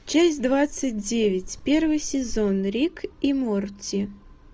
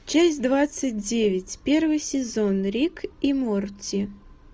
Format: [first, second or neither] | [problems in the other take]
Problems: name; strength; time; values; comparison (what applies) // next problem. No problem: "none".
second | background sound (Wind); 14 dB below the speech